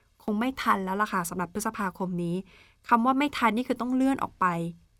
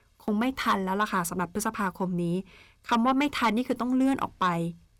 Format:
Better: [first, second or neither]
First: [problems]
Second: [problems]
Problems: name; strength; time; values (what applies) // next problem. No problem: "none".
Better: first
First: none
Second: distortion; slight; 10 dB below the speech